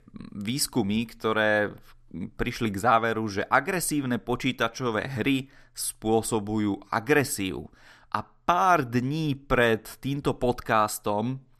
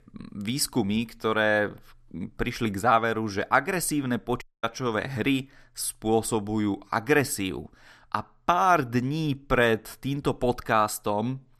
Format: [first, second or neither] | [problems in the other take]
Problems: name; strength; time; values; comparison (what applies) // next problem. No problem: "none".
first | audio cutting out; at 4.5 s